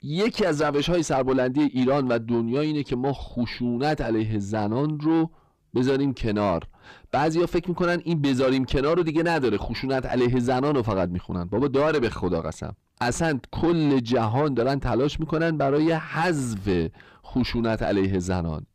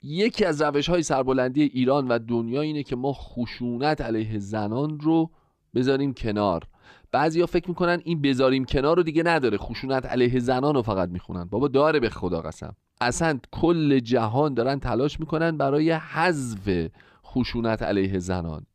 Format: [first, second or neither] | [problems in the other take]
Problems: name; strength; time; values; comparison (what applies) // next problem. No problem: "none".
second | distortion; slight; 10 dB below the speech